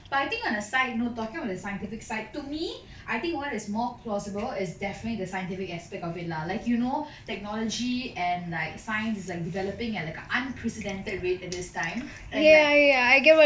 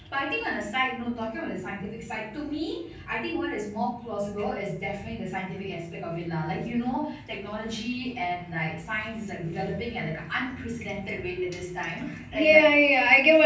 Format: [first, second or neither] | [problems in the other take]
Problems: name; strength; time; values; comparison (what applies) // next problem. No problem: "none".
first | room echo; dies away in 0.6 s